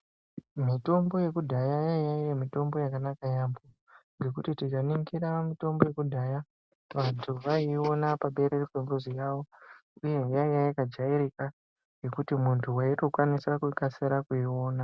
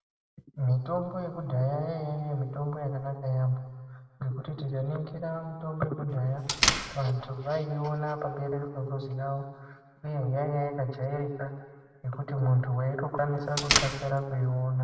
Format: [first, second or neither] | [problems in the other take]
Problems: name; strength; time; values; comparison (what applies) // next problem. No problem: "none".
first | background sound (Door); as loud as the speech // room echo; dies away in 1.4 s